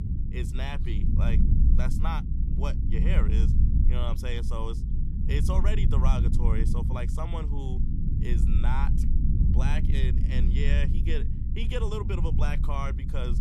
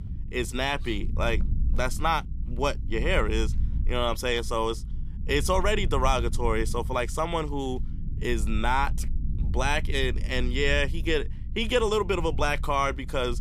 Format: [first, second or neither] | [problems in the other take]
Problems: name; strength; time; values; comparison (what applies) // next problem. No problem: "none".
second | low rumble; loud; throughout; 4 dB below the speech; faint in the second